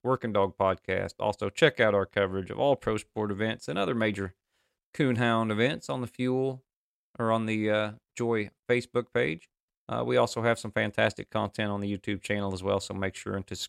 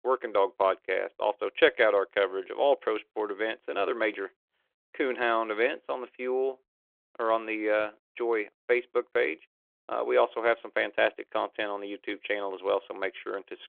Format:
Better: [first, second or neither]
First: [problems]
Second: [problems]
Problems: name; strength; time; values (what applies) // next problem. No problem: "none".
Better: first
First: none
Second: phone-call audio; nothing above 3.5 kHz